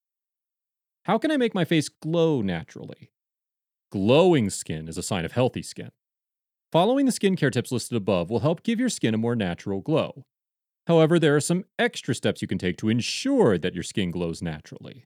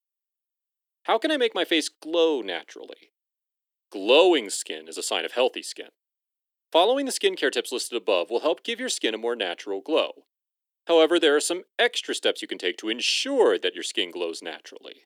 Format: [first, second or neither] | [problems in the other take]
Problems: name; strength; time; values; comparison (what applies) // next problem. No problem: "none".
first | thin; somewhat; fading below 300 Hz